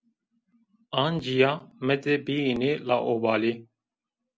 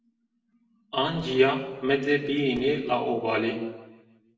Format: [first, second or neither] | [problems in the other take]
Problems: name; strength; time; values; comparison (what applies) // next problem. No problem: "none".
first | room echo; dies away in 1.1 s